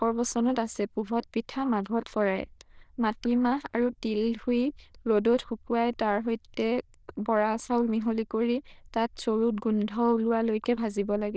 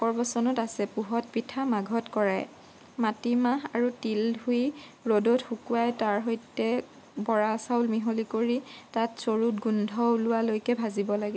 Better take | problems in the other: second | noise reduction (neural diffusion model UNIVERSE++)

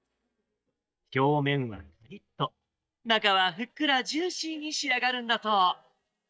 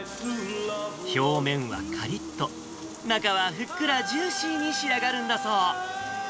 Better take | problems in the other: second | noise reduction (neural mask model DeepFilterNet 3)

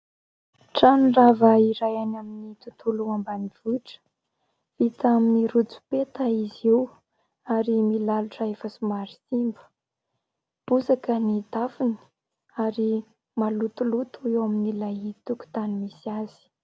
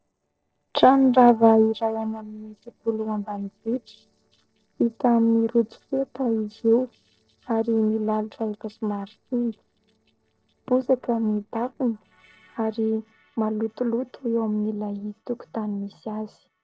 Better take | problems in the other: first | noise reduction (neural separator model SepFormer DNS4)

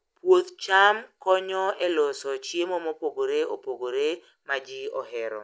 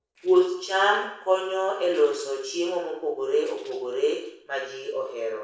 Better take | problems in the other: first | noise reduction (neural separator model SepFormer DNS4)

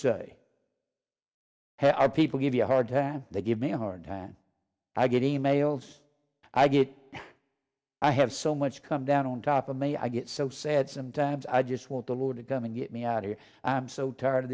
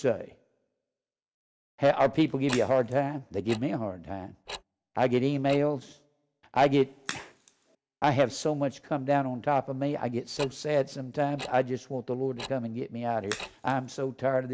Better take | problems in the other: first | background sound (Crack + Tick-tock); 16 dB below the speech

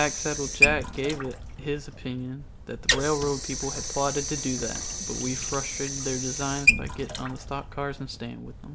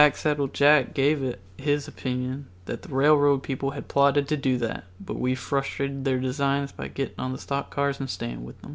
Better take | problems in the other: second | background sound (Sink (filling or washing) / Water); 1 dB above the speech

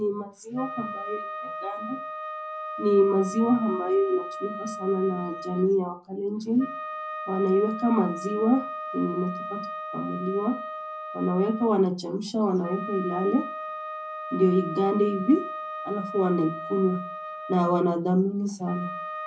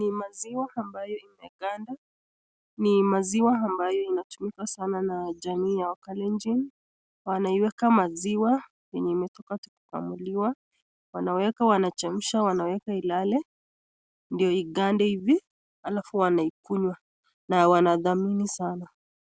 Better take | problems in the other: second | background sound (Wind instrument, woodwind instrument); 10 dB below the speech // room echo; dies away in 0.4 s

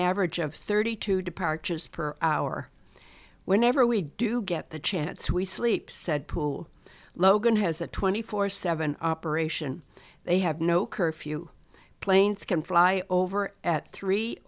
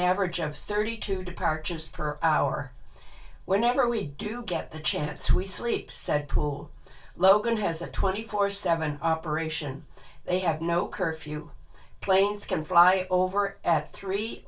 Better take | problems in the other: first | room echo; dies away in 0.2 s

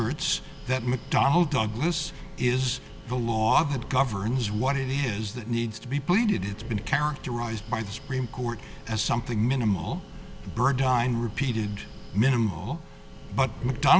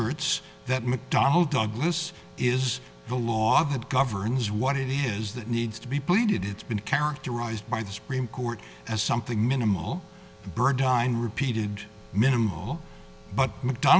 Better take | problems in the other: second | background sound (Breathing); 14 dB below the speech

